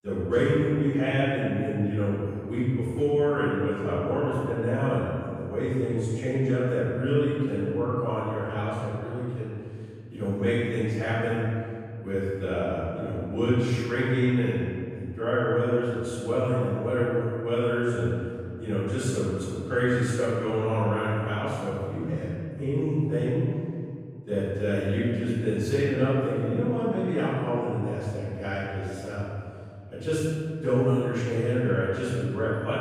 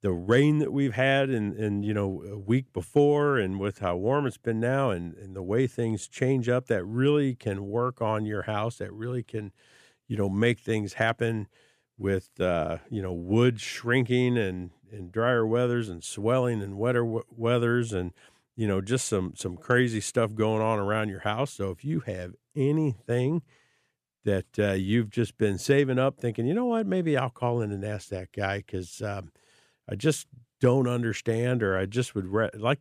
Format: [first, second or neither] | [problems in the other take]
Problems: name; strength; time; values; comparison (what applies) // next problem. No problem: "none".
second | room echo; strong; dies away in 2.2 s // off-mic speech; far